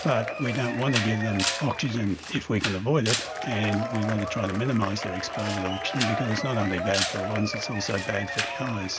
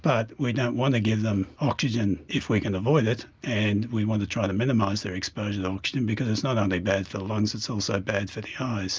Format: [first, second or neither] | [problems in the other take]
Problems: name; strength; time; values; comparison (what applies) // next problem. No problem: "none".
second | background sound (Applause / Crowd / Cheering + Camera); 4 dB below the speech